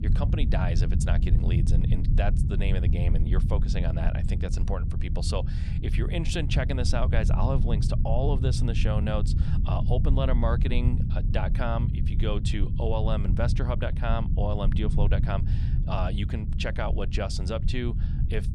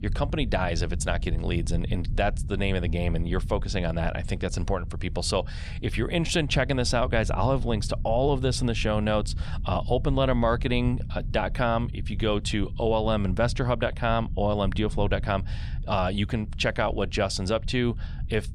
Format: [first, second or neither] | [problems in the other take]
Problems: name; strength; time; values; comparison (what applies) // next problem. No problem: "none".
second | low rumble; loud; throughout; 7 dB below the speech; faint in the second